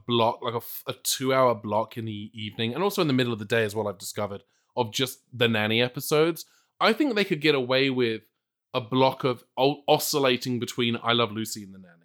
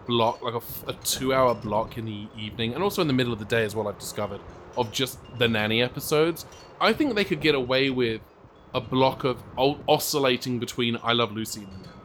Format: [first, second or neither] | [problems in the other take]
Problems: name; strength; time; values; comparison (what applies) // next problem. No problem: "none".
first | wind noise on the microphone; occasional gusts; 20 dB below the speech